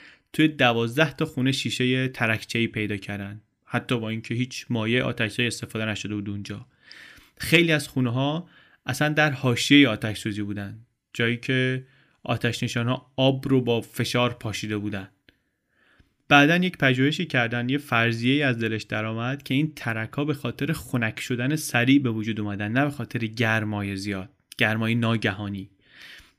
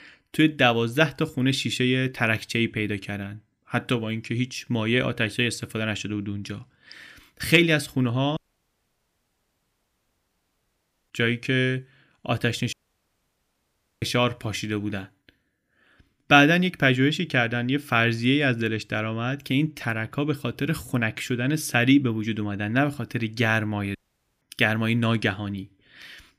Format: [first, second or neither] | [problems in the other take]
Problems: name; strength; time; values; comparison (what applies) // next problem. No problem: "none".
first | audio cutting out; at 8.5 s for 2.5 s, at 13 s for 1.5 s and at 24 s